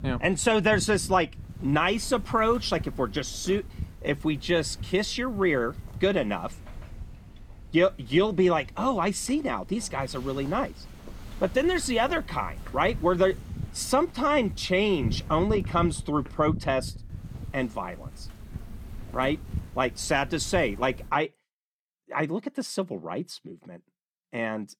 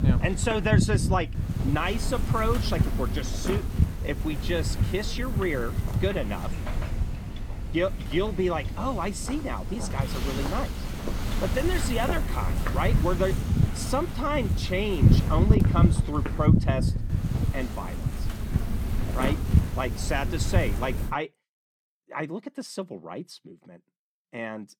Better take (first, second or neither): first